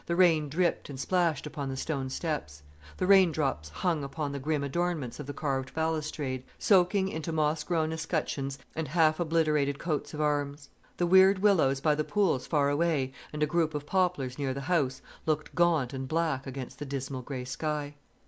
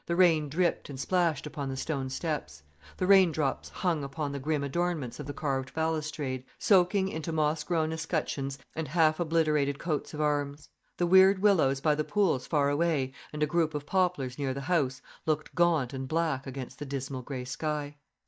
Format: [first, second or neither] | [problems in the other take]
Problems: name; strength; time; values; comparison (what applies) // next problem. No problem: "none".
first | noise reduction (neural mask model DeepFilterNet 3)